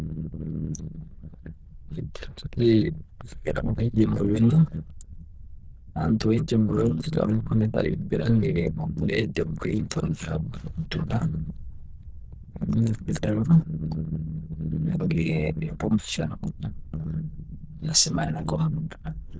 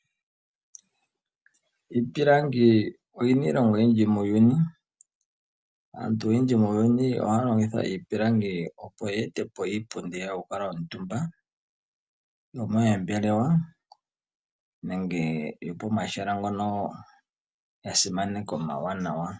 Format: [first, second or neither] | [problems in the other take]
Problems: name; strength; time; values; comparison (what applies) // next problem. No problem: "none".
second | noise reduction (neural diffusion model UNIVERSE++)